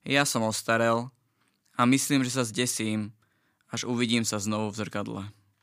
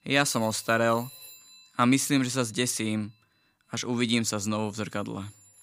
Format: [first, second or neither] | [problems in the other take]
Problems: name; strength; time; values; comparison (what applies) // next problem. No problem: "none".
first | alarms or sirens; faint; throughout; 25 dB below the speech